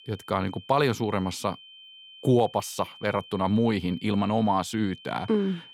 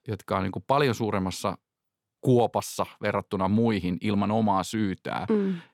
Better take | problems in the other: second | high-pitched whine; noticeable; throughout; 3 kHz, 20 dB below the speech

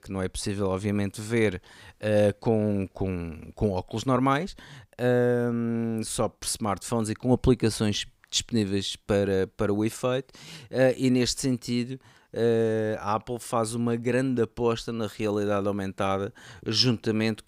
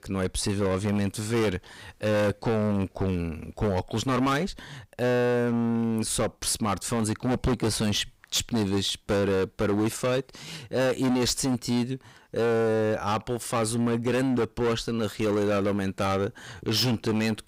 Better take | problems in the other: first | distortion; heavy; 19% of the sound clipped

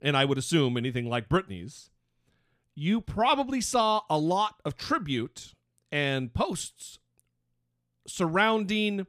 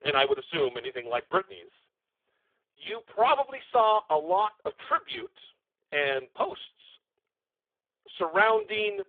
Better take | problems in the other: first | phone-call audio; poor line; nothing above 3.5 kHz

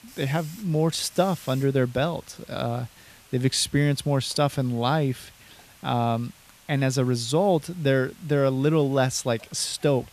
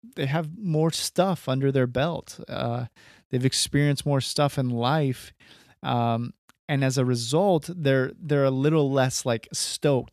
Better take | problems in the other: second | hiss; faint; throughout; 25 dB below the speech

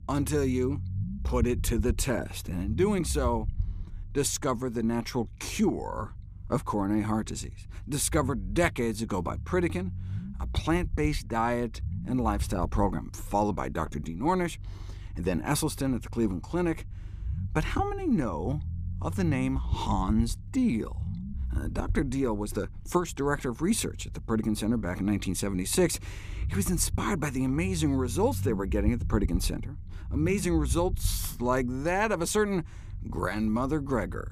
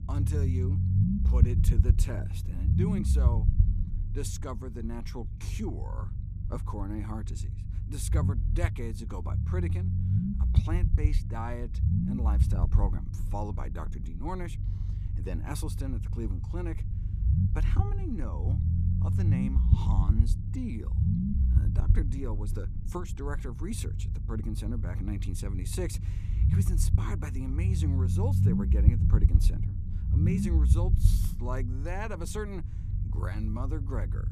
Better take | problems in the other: first | low rumble; loud; throughout; 2 dB below the speech; faint in the first

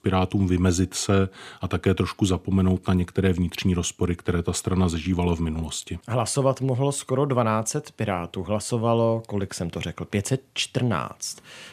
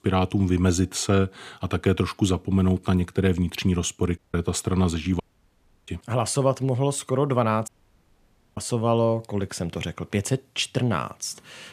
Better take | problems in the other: first | audio cutting out; at 4 s, at 5 s for 0.5 s and at 7.5 s for 1 s

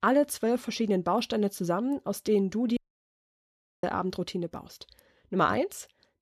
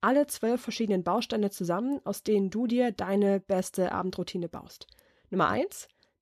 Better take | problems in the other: second | audio cutting out; at 3 s for 1 s

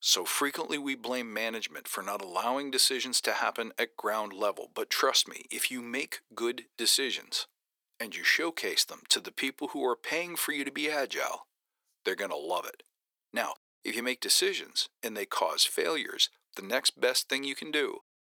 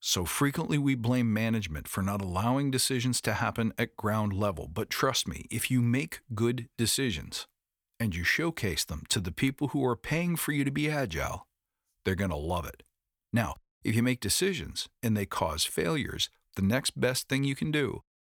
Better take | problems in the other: second | thin; somewhat; fading below 350 Hz

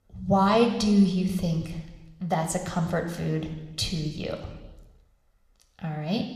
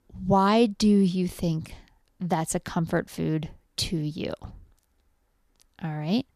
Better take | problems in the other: second | room echo; slight; dies away in 1.1 s

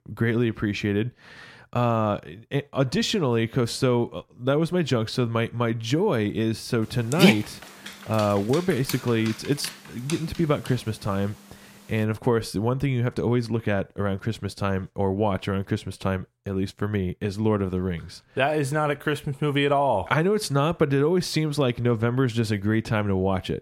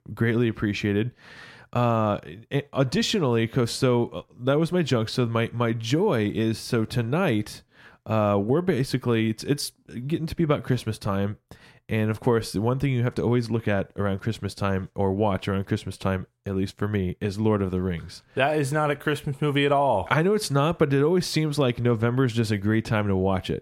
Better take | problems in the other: second | dog barking; loud; from 7 to 10 s; peak 6 dB above the speech

